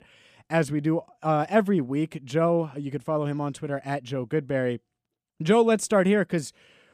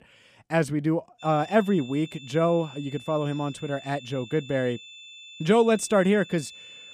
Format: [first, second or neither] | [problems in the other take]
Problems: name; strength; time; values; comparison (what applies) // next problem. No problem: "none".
first | high-pitched whine; noticeable; from 1 s on; 3.5 kHz, 20 dB below the speech